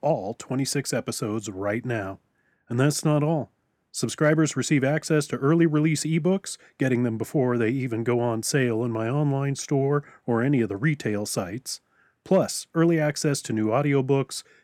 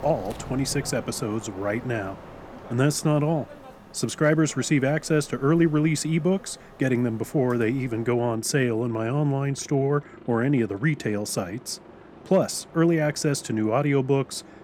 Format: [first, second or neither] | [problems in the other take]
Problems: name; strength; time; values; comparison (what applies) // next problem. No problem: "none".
first | train or aircraft noise; faint; throughout; 20 dB below the speech